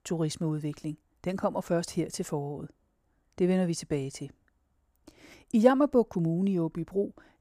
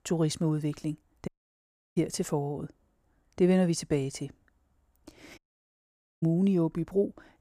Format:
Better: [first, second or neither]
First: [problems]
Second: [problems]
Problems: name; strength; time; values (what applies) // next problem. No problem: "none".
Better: first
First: none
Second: audio cutting out; at 1.5 s for 0.5 s and at 5.5 s for 1 s